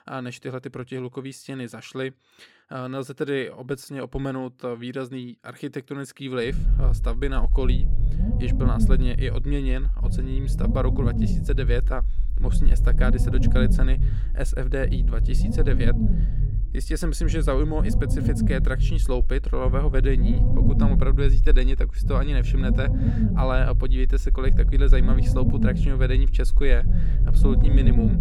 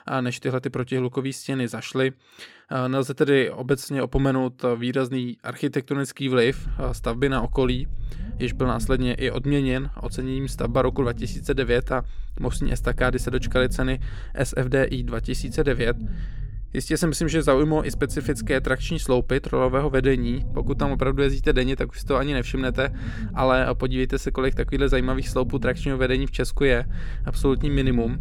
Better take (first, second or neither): second